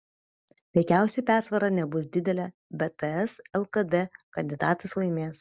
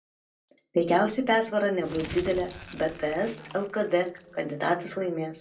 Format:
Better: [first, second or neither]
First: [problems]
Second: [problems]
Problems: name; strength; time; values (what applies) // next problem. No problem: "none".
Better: first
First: none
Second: background sound (Crumpling, crinkling); 16 dB below the speech // room echo; dies away in 0.2 s